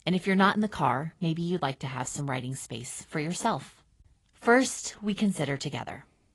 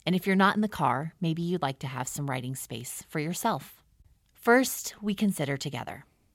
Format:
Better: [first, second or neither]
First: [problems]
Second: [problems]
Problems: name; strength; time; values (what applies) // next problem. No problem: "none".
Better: second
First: garbled, watery; slightly; nothing above 11.5 kHz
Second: none